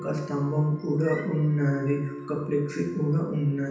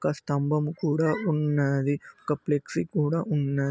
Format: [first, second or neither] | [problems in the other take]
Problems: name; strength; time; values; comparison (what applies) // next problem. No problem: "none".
second | background sound (Wind instrument, woodwind instrument); 18 dB below the speech // room echo; dies away in 0.9 s